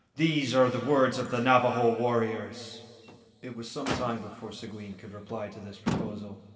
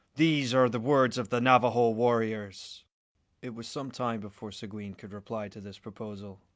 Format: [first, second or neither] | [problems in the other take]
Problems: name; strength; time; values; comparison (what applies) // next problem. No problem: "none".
second | background sound (Motor vehicle (road)); 12 dB below the speech // room echo; dies away in 2.2 s